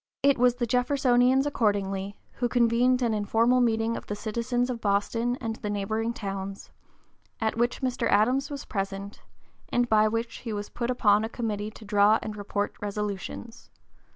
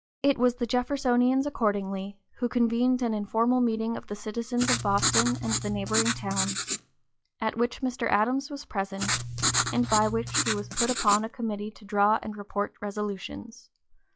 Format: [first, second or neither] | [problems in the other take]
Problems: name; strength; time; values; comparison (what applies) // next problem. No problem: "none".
first | noise reduction (classical method log-MMSE)